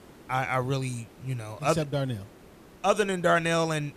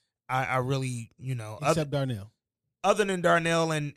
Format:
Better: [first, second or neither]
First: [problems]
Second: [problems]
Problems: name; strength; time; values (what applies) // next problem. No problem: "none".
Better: second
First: hiss; faint; throughout; 25 dB below the speech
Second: none